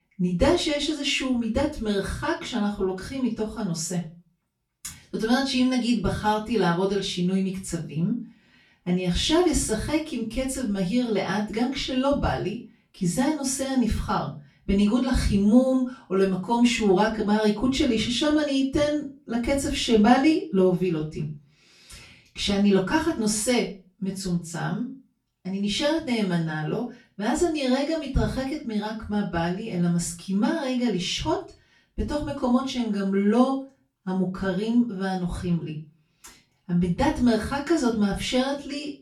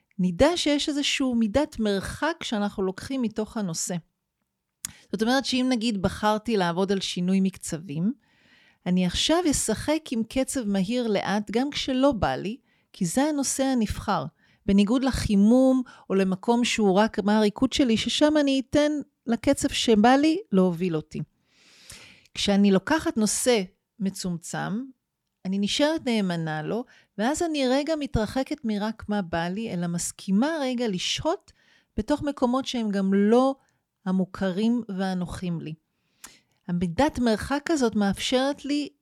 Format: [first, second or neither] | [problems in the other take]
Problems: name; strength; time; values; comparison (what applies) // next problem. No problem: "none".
second | off-mic speech; far // room echo; slight; dies away in 0.3 s